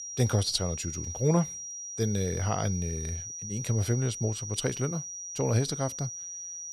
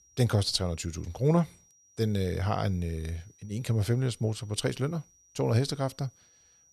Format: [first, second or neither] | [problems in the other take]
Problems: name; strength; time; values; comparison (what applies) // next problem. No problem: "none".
second | high-pitched whine; loud; throughout; 6 kHz, 6 dB below the speech; faint in the second